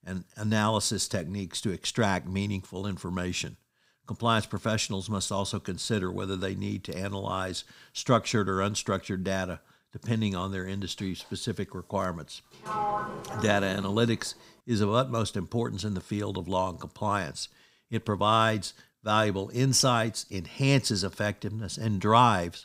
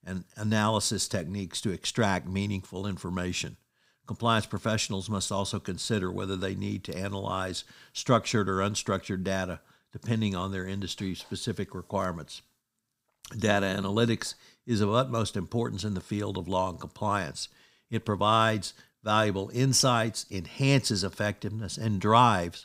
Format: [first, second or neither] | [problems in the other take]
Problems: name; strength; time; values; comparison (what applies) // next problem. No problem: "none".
second | door banging; noticeable; from 13 to 14 s; peak 1 dB below the speech